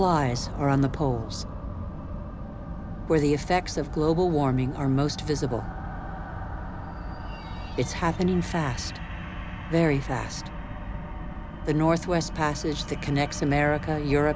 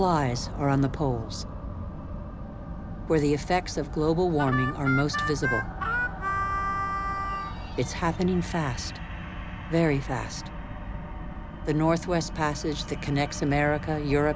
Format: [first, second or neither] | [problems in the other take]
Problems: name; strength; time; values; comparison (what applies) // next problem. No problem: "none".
first | background sound (Harmonica); 3 dB below the speech